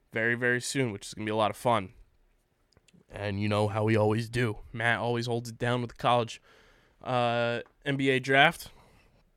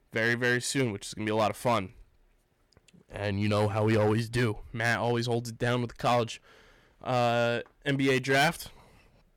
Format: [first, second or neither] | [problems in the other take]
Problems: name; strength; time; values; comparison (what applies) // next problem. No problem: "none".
first | distortion; slight; 5% of the sound clipped